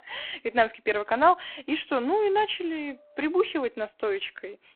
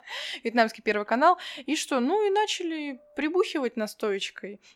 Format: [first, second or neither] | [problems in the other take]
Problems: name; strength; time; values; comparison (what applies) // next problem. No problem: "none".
second | phone-call audio; poor line